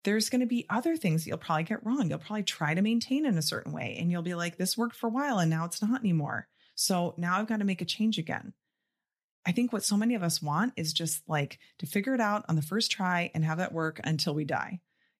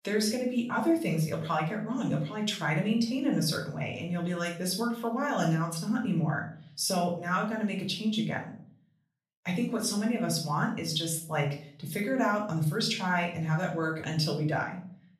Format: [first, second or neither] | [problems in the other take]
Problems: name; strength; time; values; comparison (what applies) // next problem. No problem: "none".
first | off-mic speech; somewhat distant // room echo; slight; dies away in 0.4 s